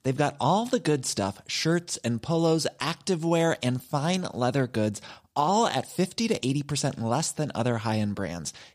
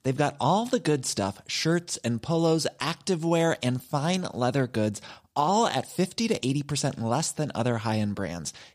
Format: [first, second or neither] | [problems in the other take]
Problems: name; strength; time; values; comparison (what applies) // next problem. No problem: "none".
neither | none